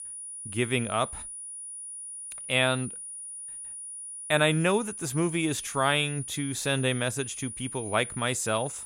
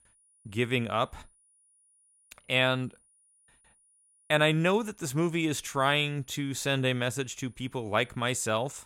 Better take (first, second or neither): second